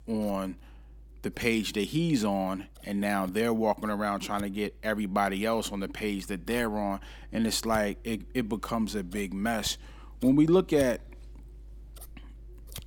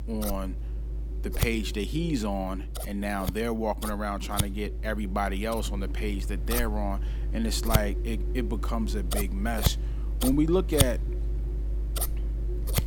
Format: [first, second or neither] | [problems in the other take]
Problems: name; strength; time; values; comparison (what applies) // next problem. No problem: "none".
first | household noises; loud; throughout; 1 dB below the speech; faint in the first